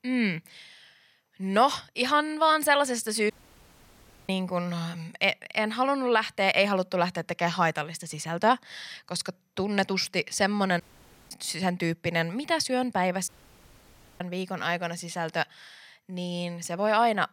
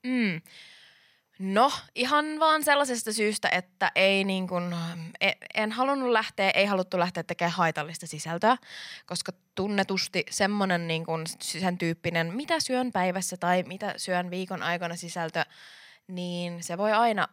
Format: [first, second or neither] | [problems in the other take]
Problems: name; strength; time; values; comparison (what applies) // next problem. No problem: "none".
second | audio cutting out; at 3.5 s for 1 s, at 11 s for 0.5 s and at 13 s for 1 s